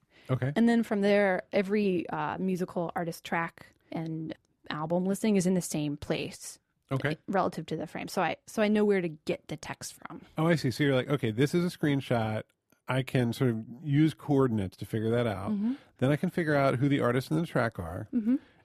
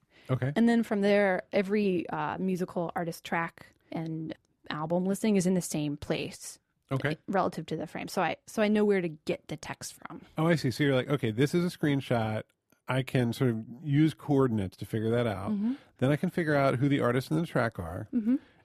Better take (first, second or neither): neither